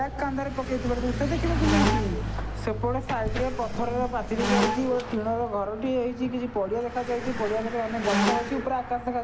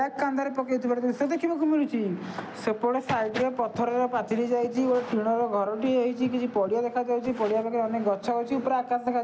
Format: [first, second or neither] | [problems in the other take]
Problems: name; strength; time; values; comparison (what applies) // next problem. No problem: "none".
second | background sound (Mechanisms / Bicycle + Squeak); 1 dB below the speech